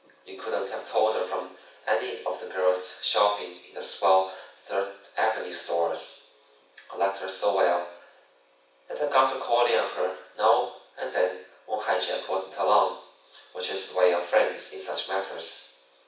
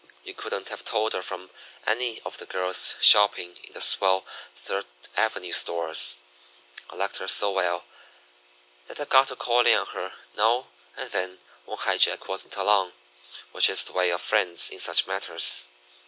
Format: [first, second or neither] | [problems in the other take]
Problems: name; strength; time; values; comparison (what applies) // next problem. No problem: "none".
second | room echo; dies away in 0.6 s